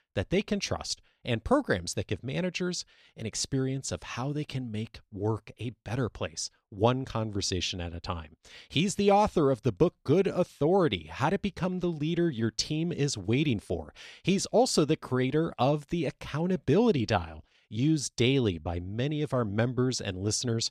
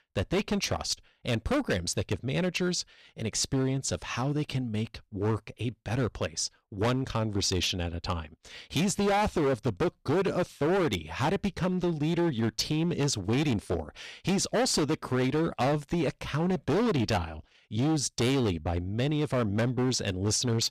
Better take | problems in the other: first | distortion; heavy; 15% of the sound clipped

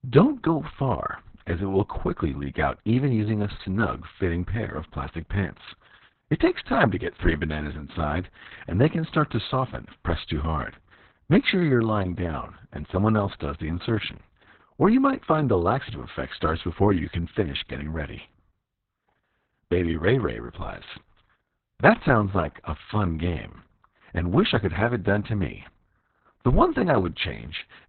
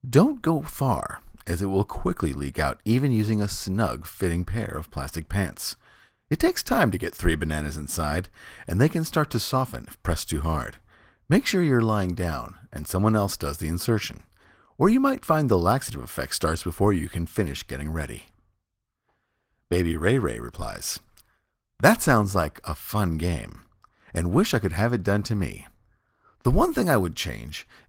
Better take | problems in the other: second | garbled, watery; badly; nothing above 4 kHz; slightly in the second

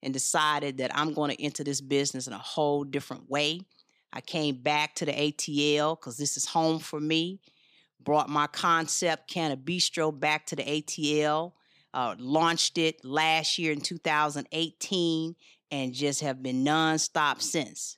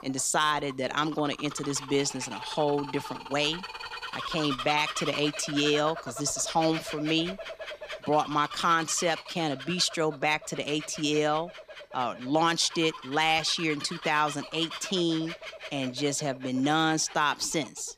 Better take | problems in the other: first | animal sounds; noticeable; throughout; 10 dB below the speech

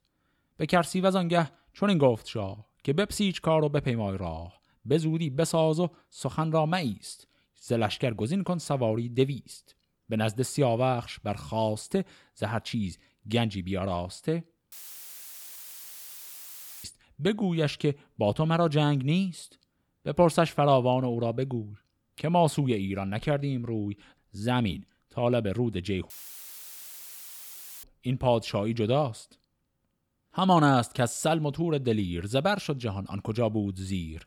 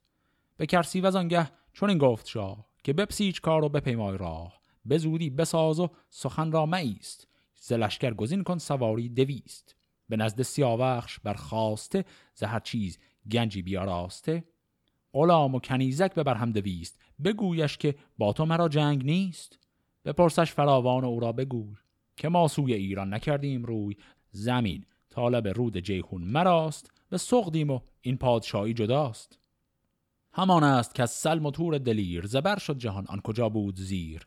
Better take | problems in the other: second | audio cutting out; filled with static; at 15 s for 2 s and at 26 s for 1.5 s

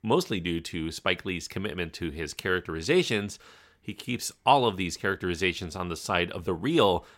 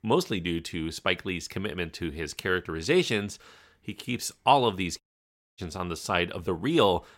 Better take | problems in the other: first | audio cutting out; at 5 s for 0.5 s

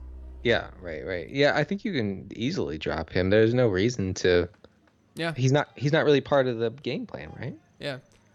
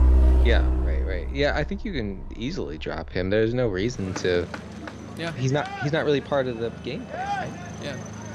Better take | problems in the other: first | traffic noise; loud; throughout; 1 dB below the speech; faint in the first

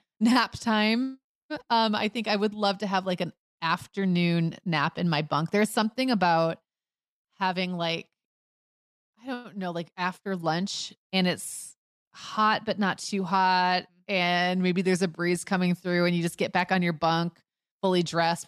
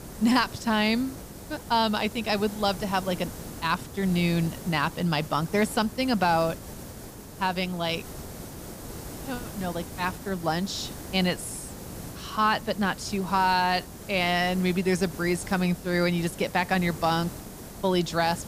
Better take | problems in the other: first | hiss; noticeable; throughout; 15 dB below the speech

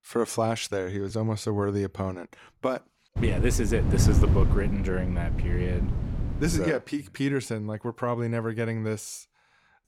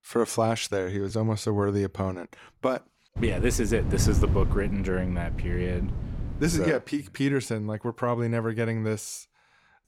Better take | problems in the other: second | wind noise on the microphone; heavy; from 3 to 6.5 s; 7 dB below the speech; occasional gusts in the second

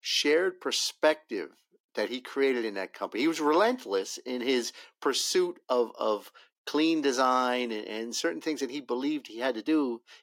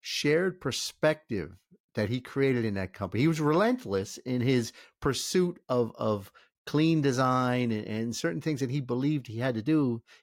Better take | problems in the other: second | thin; somewhat; fading below 300 Hz

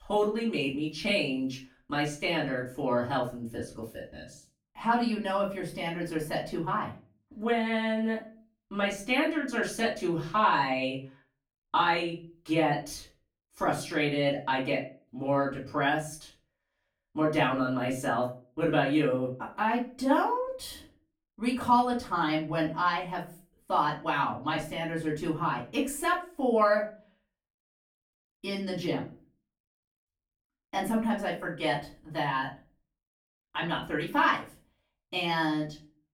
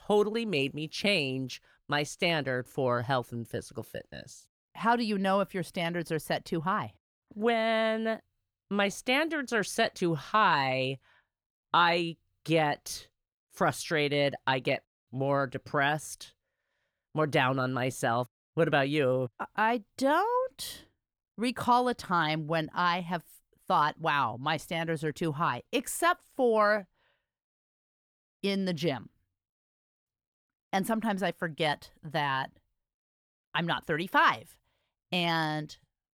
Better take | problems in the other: second | off-mic speech; far // room echo; slight; dies away in 0.3 s

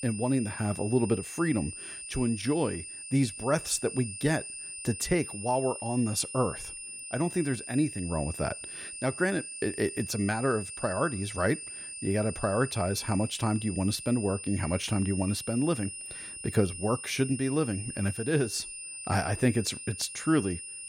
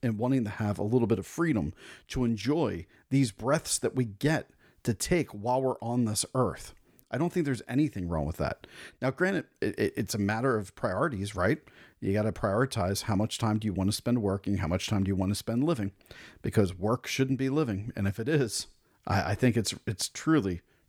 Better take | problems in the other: second | high-pitched whine; loud; throughout; 9 kHz, 8 dB below the speech

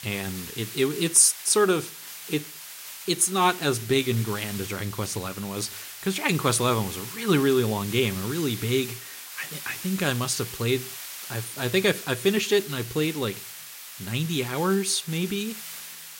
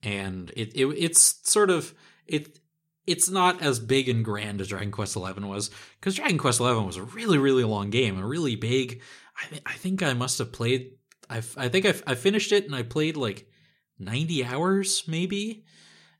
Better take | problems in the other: second | hiss; noticeable; throughout; 10 dB below the speech

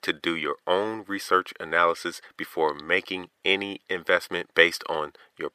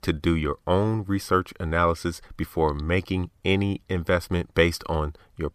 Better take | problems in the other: second | thin; very; fading below 450 Hz

